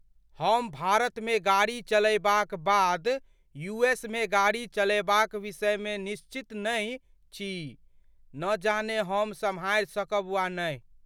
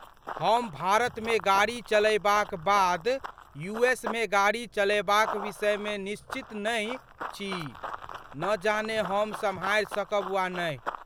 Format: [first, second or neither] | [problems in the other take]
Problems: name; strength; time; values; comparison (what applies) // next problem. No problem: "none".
first | background sound (Run); 13 dB below the speech